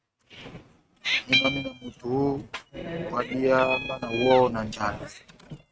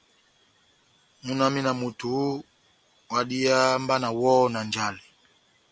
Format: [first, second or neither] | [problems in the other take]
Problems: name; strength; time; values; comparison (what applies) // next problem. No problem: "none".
second | noise reduction (neural mask model RNNoise)